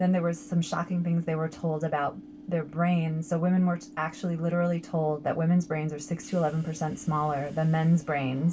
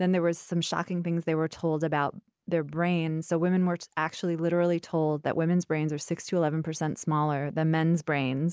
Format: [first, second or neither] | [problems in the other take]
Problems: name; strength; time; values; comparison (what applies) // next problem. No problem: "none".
second | background sound (Subway, metro, underground / Train); 19 dB below the speech // room echo; dies away in 0.2 s